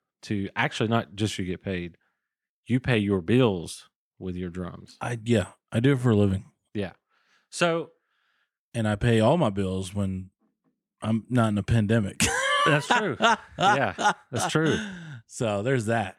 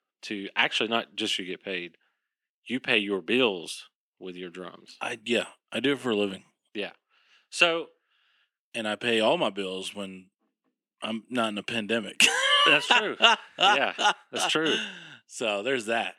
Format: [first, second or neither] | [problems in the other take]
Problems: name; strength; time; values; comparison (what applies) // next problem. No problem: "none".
first | thin; somewhat; fading below 250 Hz